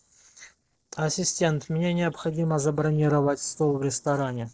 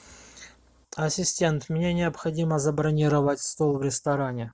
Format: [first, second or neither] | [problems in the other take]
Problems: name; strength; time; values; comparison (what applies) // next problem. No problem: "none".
second | noise reduction (neural separator model SepFormer DNS4)